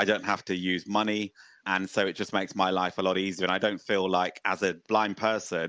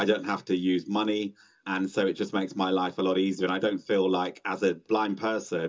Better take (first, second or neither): first